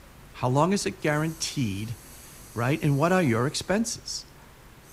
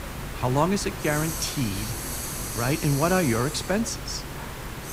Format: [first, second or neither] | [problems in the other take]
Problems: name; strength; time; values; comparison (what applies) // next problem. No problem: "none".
first | hiss; loud; throughout; 6 dB below the speech; faint in the first